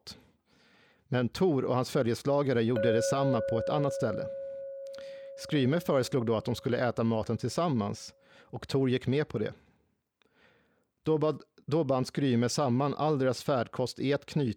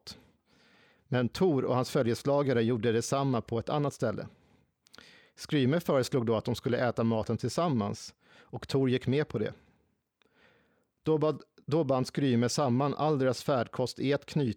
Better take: second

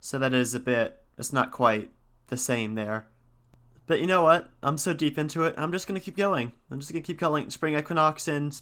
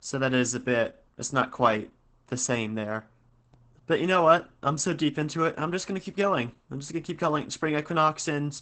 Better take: first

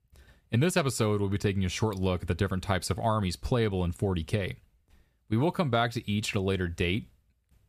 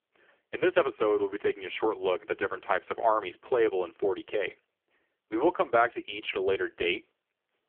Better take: first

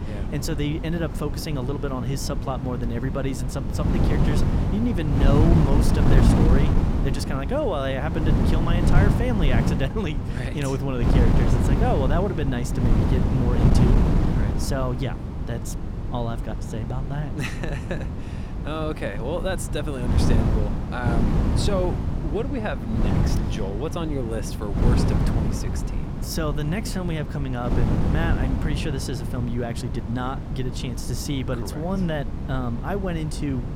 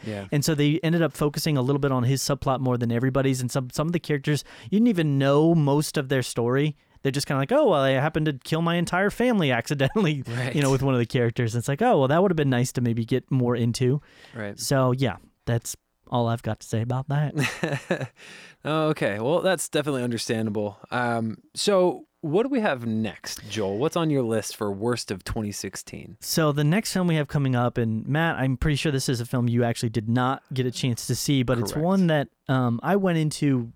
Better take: second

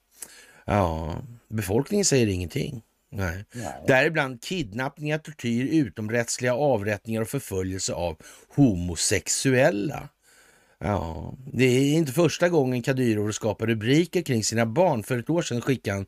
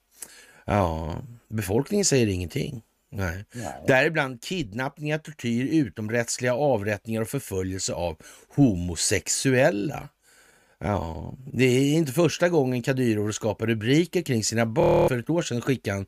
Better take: first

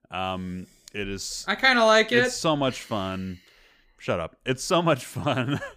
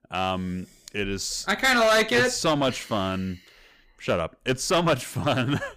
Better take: first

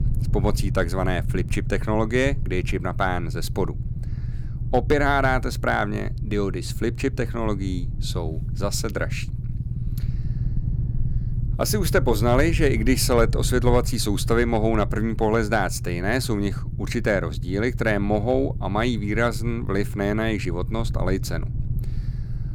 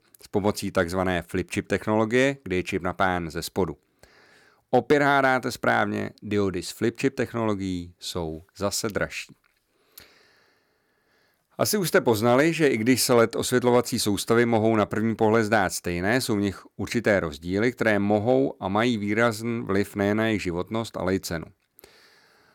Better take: second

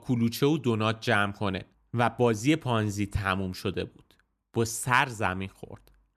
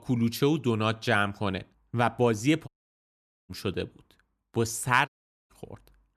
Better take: first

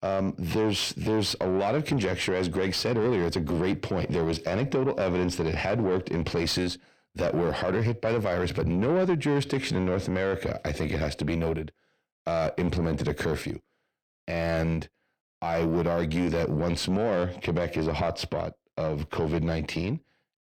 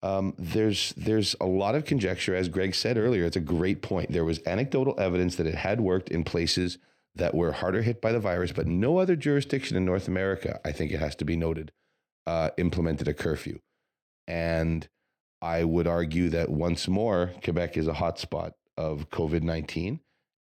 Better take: second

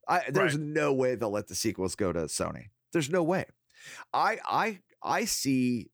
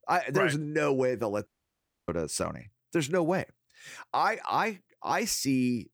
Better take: first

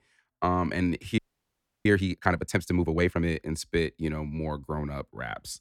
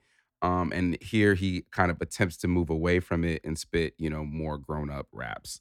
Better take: second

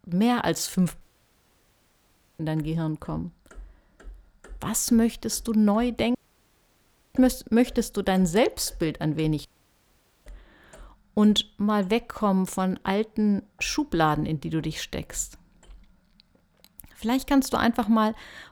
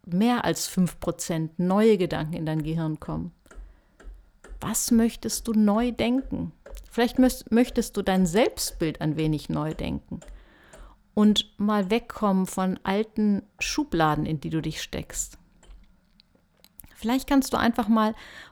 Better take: second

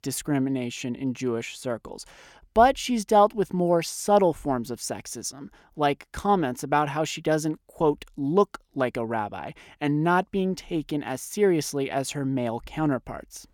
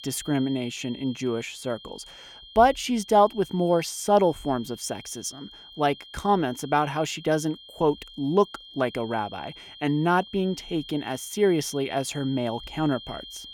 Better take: first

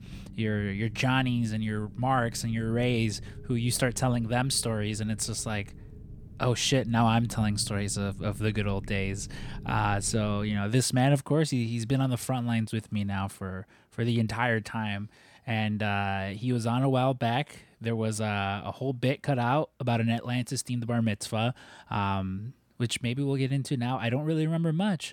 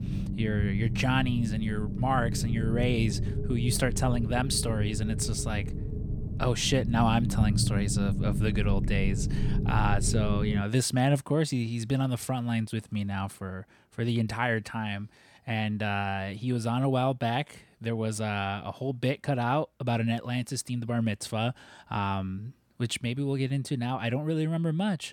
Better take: first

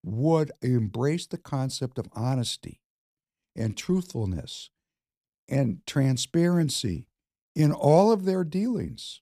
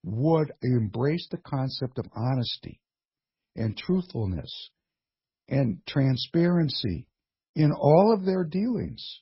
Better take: first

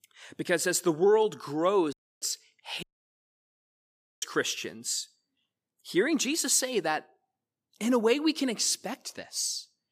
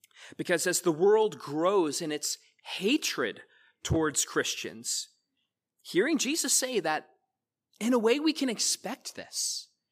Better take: second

